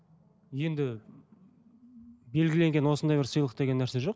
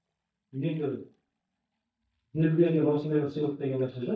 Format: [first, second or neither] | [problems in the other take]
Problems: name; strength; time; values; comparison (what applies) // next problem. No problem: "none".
first | noise reduction (neural mask model DeepFilterNet 3)